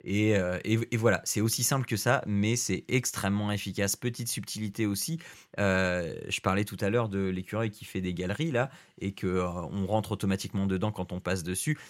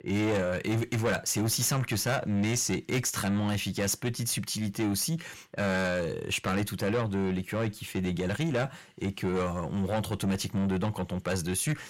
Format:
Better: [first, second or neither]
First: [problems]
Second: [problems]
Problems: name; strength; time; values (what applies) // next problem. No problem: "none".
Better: first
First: none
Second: distortion; heavy; 7 dB below the speech